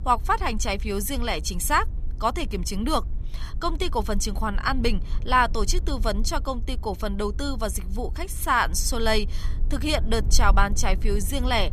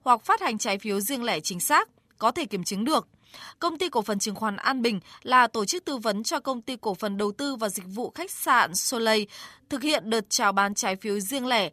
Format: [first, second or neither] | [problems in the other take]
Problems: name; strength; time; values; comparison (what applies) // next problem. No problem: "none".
second | low rumble; faint; throughout; 25 dB below the speech